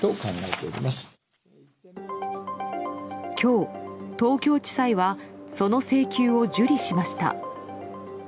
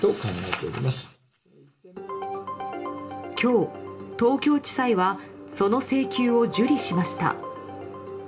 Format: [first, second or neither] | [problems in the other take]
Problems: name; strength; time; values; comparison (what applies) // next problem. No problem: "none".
first | room echo; dies away in 0.4 s